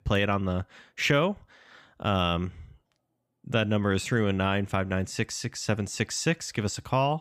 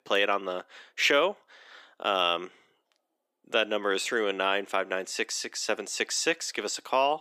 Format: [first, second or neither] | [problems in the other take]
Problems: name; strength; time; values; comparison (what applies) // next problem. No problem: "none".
first | thin; very; fading below 350 Hz